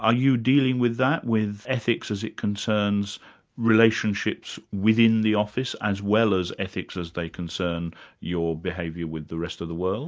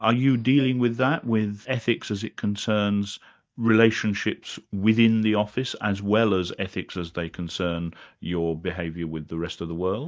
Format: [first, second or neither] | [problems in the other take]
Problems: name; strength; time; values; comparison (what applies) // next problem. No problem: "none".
first | noise reduction (neural mask model DeepFilterNet 3)